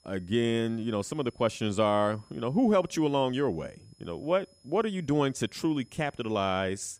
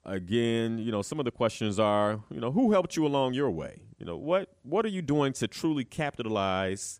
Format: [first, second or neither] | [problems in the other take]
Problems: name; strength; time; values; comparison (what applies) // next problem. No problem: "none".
second | high-pitched whine; faint; throughout; 5 kHz, 35 dB below the speech